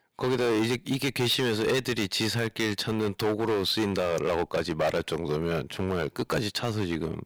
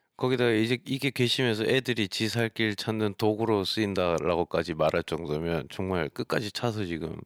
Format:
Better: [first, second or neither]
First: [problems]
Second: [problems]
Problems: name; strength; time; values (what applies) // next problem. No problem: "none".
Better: second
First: distortion; heavy; 12% of the sound clipped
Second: none